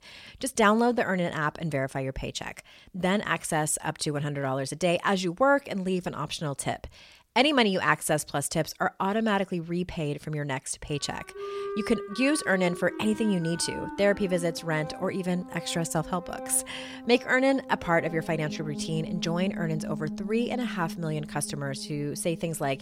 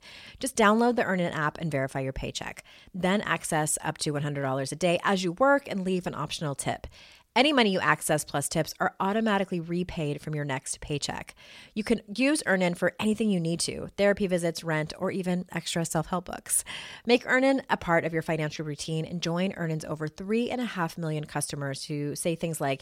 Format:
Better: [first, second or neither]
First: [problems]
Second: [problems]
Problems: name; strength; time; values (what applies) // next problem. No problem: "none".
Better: second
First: background music; noticeable; from 11 s on; 10 dB below the speech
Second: none